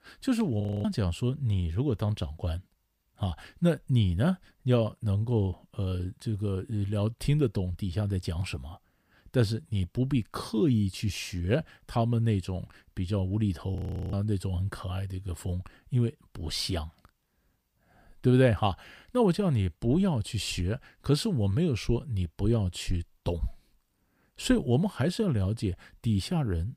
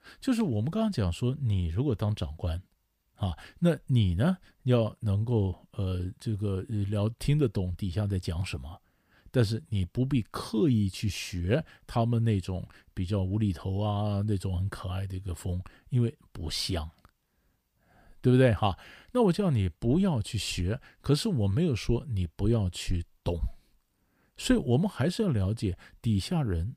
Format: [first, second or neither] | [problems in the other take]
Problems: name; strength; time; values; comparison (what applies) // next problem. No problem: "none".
second | audio freezing; at 0.5 s and at 14 s